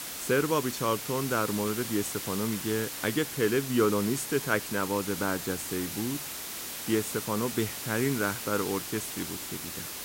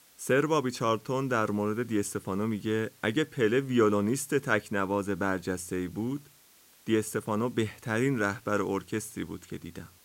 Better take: second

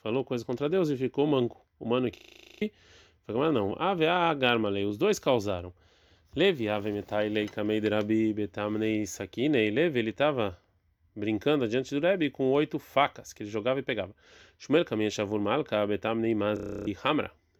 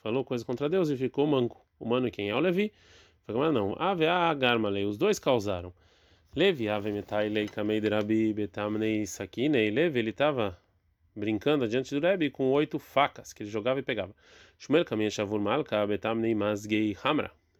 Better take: second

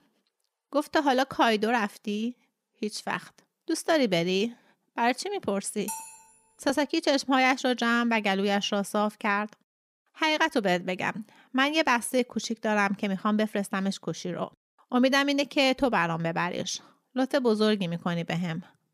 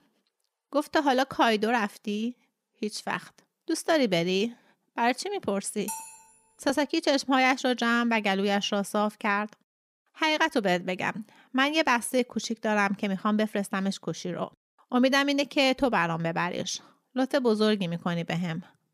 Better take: neither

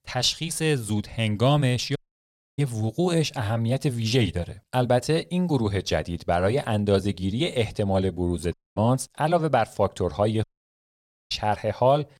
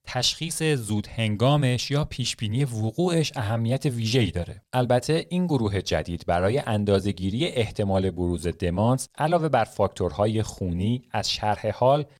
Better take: second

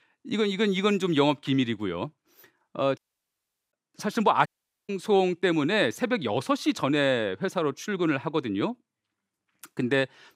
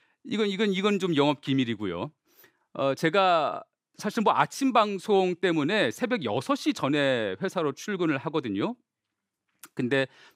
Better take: second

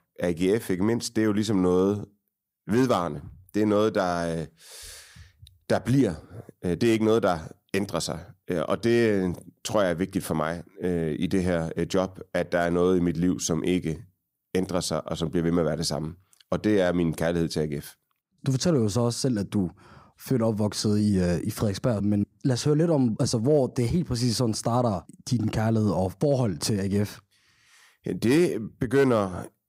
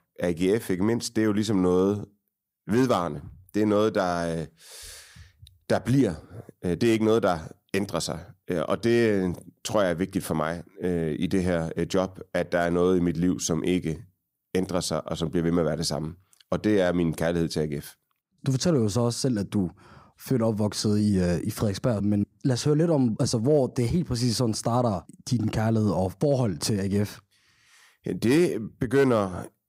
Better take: neither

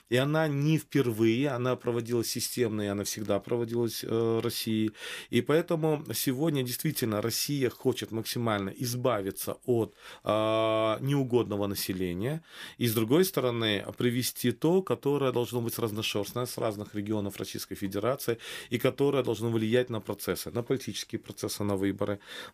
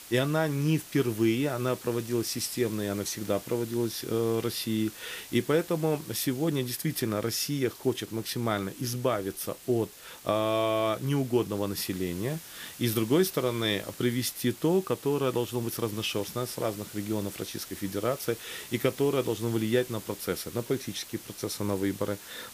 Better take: first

